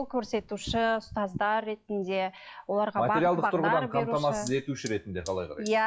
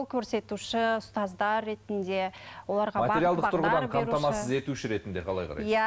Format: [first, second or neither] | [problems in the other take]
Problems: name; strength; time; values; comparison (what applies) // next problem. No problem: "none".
second | noise reduction (classical method log-MMSE)